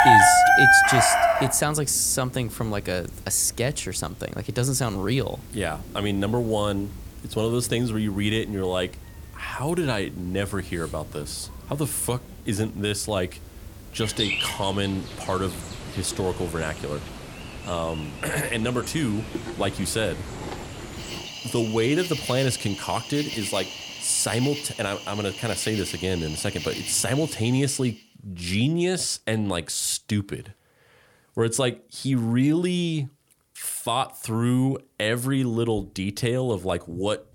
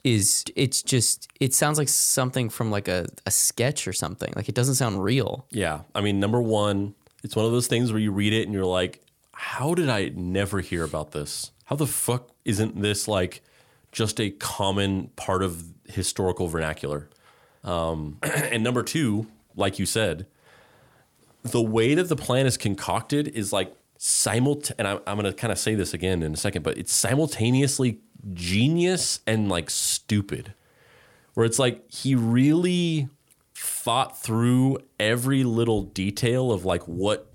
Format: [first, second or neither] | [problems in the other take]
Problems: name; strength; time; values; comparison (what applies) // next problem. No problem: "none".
second | animal sounds; very loud; until 28 s; 1 dB above the speech